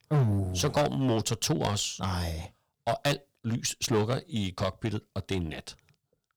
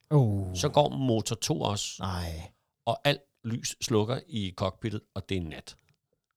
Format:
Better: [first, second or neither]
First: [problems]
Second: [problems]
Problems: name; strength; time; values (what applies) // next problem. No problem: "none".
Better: second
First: distortion; heavy; 6% of the sound clipped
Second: none